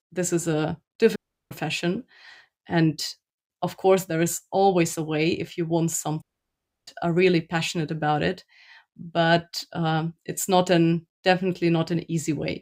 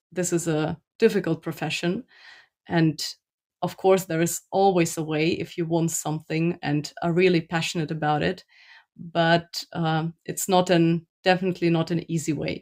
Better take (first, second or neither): second